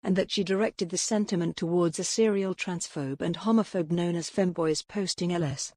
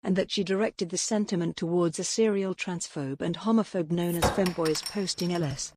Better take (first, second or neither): first